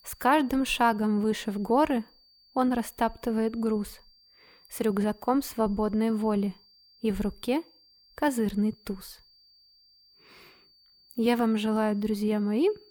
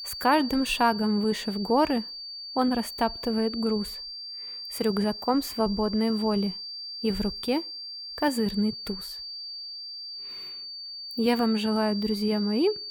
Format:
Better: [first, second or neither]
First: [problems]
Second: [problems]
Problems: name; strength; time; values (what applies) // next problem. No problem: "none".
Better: first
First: high-pitched whine; faint; throughout; 4.5 kHz, 30 dB below the speech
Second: high-pitched whine; loud; throughout; 4.5 kHz, 9 dB below the speech